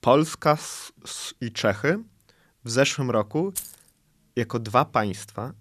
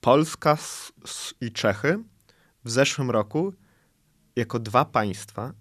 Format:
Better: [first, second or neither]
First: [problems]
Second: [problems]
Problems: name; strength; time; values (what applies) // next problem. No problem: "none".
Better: second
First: jangling keys; noticeable; at 3.5 s; peak 8 dB below the speech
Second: none